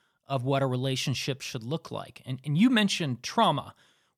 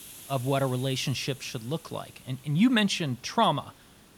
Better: first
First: none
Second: hiss; faint; throughout; 20 dB below the speech

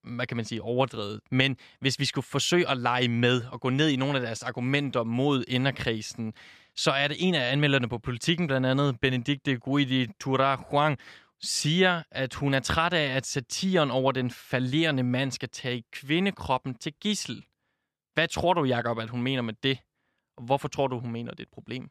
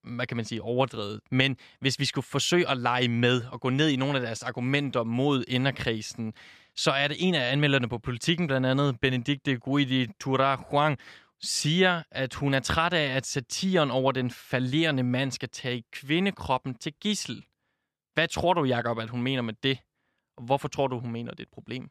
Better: neither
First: none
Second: none

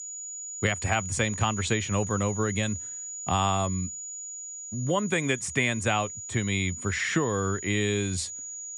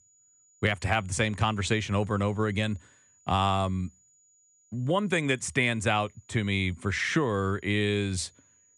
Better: second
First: high-pitched whine; loud; throughout; 7 kHz, 7 dB below the speech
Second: high-pitched whine; faint; throughout; 7 kHz, 30 dB below the speech

